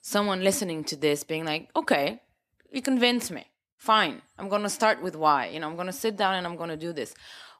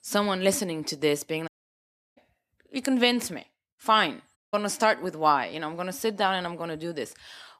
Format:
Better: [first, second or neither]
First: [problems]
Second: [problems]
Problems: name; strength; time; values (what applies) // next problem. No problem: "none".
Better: first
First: none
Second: audio cutting out; at 1.5 s for 0.5 s and at 4.5 s